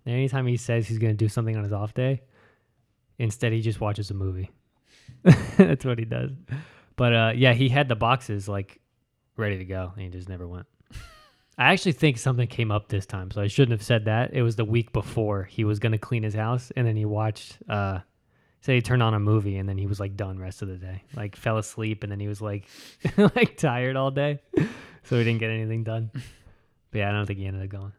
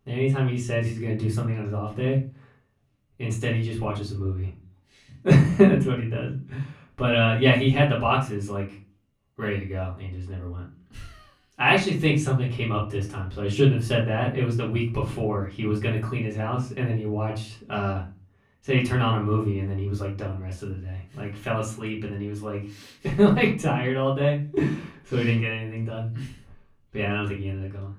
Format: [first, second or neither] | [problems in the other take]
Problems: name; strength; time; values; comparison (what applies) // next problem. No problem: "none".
first | off-mic speech; far // room echo; slight; dies away in 0.3 s